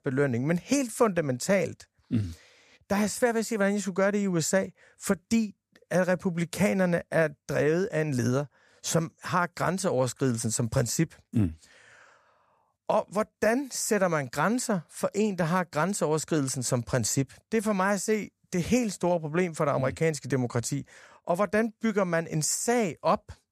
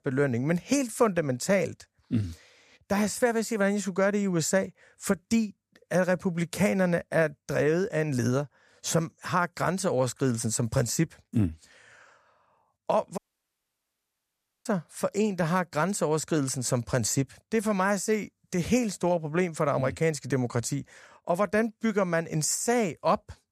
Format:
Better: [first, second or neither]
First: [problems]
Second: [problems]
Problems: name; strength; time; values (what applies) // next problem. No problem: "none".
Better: first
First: none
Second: audio cutting out; at 13 s for 1.5 s